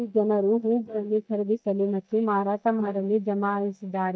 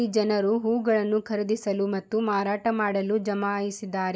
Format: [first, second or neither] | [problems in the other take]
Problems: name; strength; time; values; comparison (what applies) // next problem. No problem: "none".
second | noise reduction (neural mask model DeepFilterNet 3)